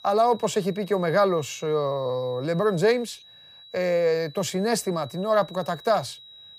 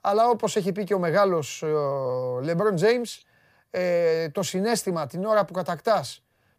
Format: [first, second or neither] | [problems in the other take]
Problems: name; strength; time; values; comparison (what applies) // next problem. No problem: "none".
second | high-pitched whine; faint; throughout; 4 kHz, 20 dB below the speech